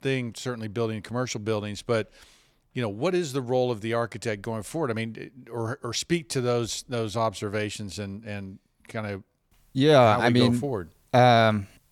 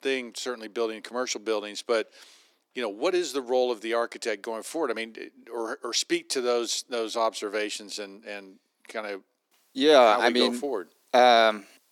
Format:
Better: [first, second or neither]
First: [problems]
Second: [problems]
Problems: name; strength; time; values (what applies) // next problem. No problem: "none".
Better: first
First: none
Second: thin; somewhat; fading below 300 Hz